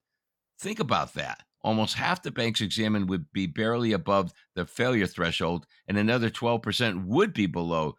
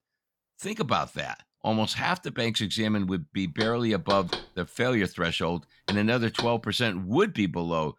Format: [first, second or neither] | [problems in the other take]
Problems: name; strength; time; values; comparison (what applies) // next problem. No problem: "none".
first | door banging; noticeable; from 3.5 to 6.5 s; peak 5 dB below the speech